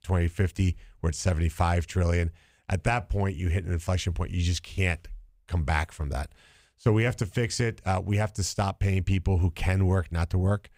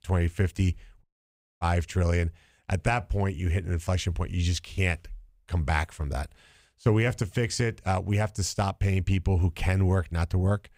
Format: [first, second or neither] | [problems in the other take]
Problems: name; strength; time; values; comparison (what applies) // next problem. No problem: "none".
first | audio cutting out; at 1 s for 0.5 s